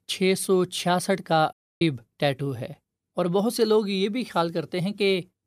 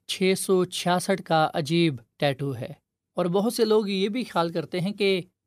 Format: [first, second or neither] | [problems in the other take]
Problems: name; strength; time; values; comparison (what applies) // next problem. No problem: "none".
second | audio cutting out; at 1.5 s